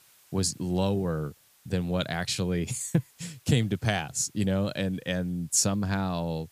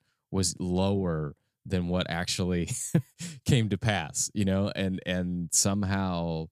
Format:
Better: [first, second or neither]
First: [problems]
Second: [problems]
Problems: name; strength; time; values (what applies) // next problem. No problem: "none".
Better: second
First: hiss; faint; throughout; 30 dB below the speech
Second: none